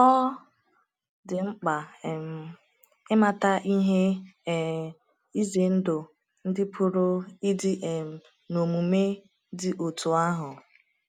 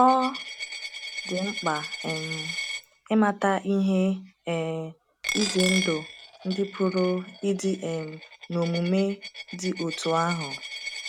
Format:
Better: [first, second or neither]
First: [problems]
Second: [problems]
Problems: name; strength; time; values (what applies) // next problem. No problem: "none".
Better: first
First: none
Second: background sound (Coin (dropping)); 9 dB below the speech